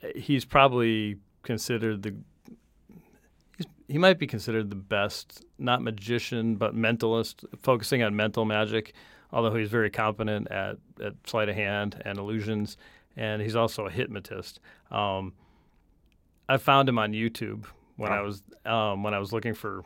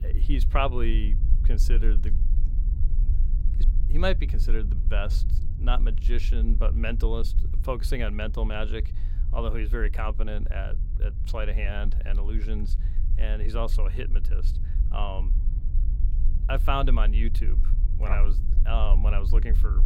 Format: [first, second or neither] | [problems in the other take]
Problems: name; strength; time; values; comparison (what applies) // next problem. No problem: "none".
first | low rumble; noticeable; throughout; 15 dB below the speech